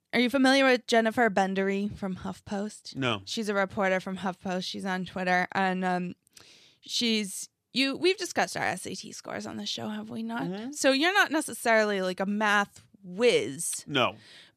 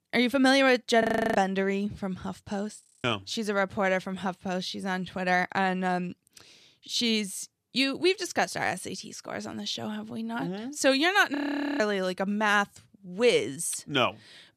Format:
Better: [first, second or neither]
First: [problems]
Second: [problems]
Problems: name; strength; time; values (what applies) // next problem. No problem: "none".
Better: first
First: none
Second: audio freezing; at 1 s, at 3 s and at 11 s